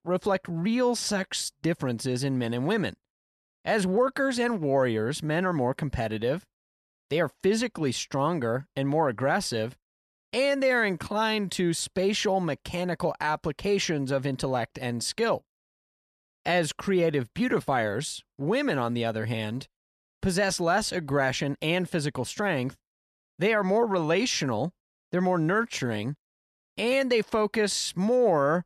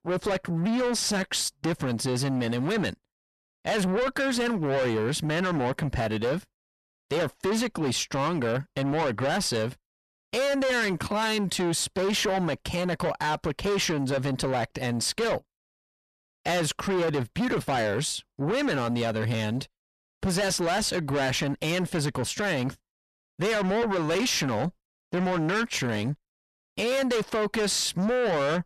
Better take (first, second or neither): first